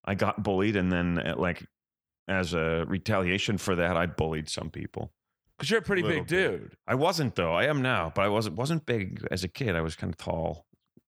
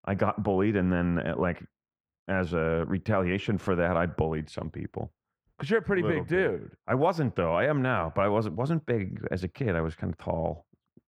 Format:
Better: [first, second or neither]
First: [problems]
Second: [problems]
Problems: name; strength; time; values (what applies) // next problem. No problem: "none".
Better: first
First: none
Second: muffled; slightly; fading above 2.5 kHz